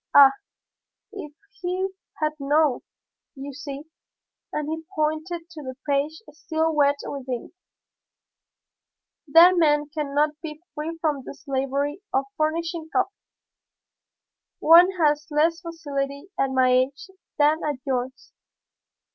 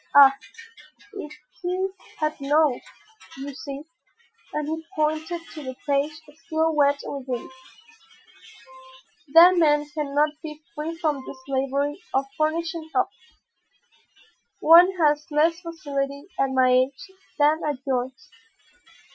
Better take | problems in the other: first | noise reduction (classical method Wiener filter)

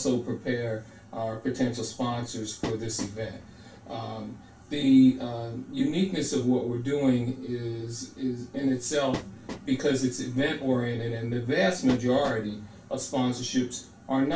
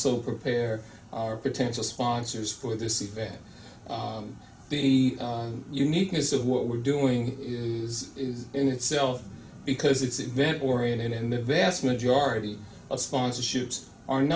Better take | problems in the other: second | background sound (Train); 14 dB below the speech // room echo; dies away in 0.2 s

